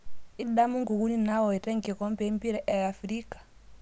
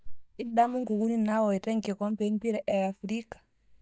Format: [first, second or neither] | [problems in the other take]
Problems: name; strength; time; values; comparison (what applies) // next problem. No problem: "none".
first | noise reduction (neural mask model DeepFilterNet 3)